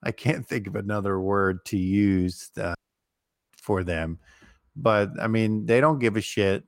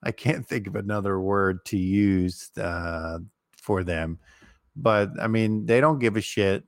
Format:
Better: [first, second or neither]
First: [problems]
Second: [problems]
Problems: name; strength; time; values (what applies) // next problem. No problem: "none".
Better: second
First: audio cutting out; at 3 s for 1 s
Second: none